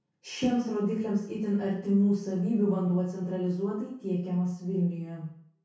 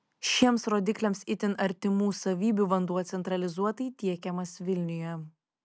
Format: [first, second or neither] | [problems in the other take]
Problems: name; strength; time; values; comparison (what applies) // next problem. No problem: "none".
second | room echo; dies away in 0.6 s